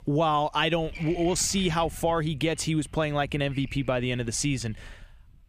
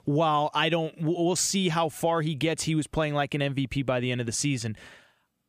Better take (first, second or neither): second